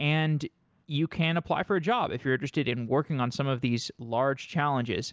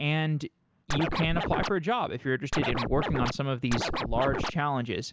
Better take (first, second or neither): first